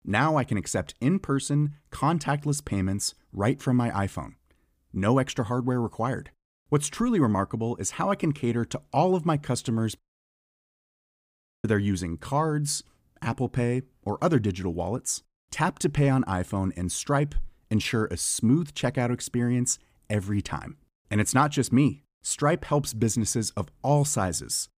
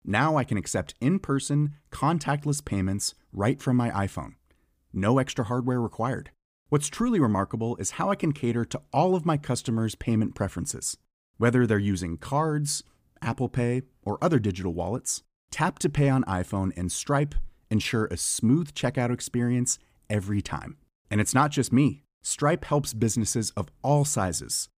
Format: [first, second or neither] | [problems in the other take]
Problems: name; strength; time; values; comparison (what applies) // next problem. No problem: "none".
second | audio cutting out; at 10 s for 1.5 s